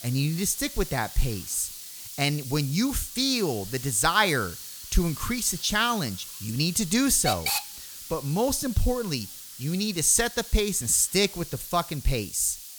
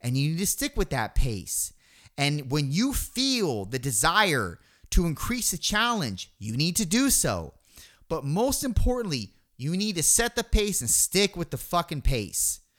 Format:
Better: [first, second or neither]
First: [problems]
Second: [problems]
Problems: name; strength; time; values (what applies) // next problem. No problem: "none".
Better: second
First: hiss; noticeable; throughout; 10 dB below the speech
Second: none